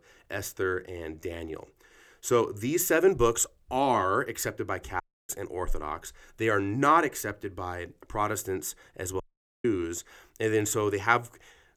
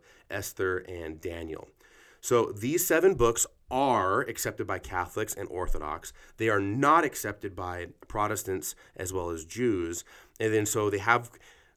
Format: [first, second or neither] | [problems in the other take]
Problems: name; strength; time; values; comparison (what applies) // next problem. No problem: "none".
second | audio cutting out; at 5 s and at 9 s